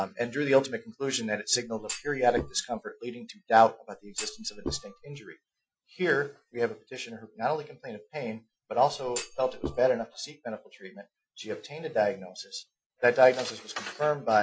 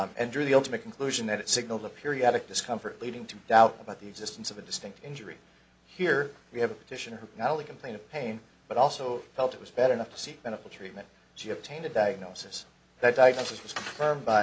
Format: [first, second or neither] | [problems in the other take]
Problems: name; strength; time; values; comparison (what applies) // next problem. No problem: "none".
second | noise reduction (classical method Wiener filter)